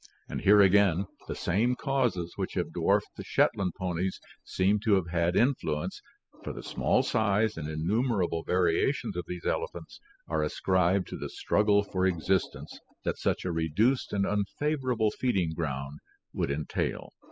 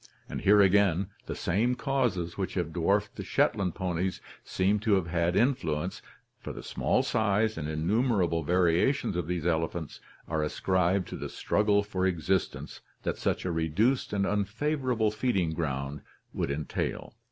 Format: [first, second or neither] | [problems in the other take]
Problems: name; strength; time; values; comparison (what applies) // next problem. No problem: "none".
second | noise reduction (classical method spectral subtraction)